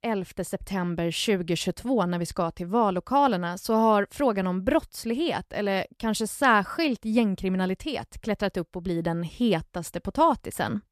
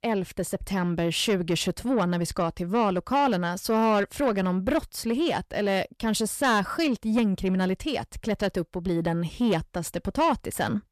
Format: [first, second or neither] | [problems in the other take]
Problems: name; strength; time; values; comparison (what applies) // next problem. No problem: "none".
first | distortion; slight; 10 dB below the speech